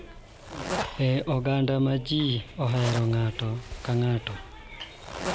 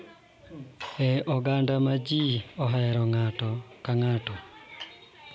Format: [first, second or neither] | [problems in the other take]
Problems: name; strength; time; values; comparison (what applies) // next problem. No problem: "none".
second | background sound (Zipper (clothing)); 10 dB below the speech